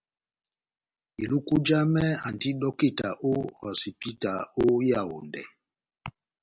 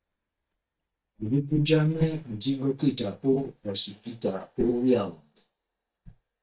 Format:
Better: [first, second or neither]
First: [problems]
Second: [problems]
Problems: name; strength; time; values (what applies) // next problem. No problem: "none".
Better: first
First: none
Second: noise reduction (neural mask model DeepFilterNet 3)